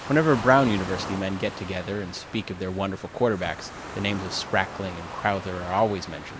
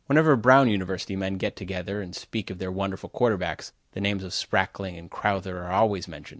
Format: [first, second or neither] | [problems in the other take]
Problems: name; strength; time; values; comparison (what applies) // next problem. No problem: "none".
second | background sound (Waves, surf); 11 dB below the speech